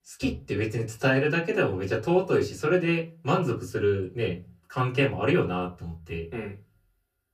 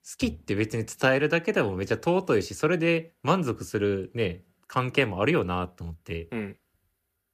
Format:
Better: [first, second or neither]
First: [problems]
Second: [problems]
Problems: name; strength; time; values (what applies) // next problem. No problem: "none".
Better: second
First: off-mic speech; far // room echo; very slight; dies away in 0.3 s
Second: none